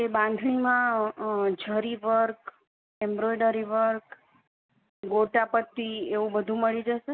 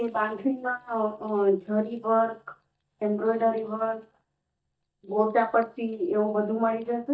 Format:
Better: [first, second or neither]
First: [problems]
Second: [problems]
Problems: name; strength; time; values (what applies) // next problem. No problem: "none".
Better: first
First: none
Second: noise reduction (neural mask model DeepFilterNet 3)